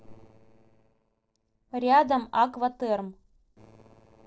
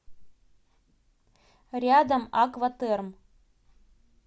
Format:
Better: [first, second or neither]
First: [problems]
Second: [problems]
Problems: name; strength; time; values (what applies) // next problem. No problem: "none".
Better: second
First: noise reduction (neural separator model SepFormer DNS4)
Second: none